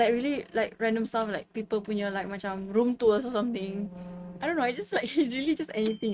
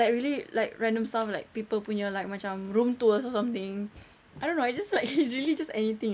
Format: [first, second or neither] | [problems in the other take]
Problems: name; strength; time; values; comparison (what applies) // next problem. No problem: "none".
second | noise reduction (neural mask model RNNoise)